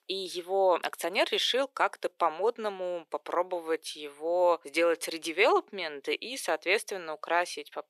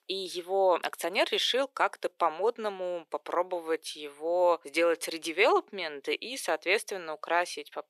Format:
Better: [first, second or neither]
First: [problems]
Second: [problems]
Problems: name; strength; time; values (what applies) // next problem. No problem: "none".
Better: neither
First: thin; very; fading below 350 Hz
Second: thin; very; fading below 350 Hz